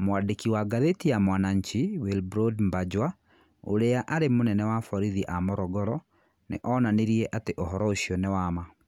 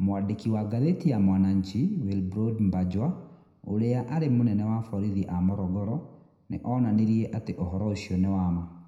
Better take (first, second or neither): first